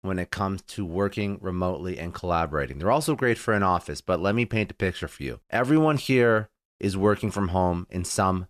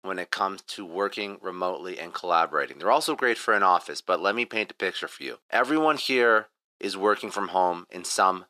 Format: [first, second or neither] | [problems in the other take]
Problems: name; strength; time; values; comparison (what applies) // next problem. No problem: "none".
first | thin; very; fading below 300 Hz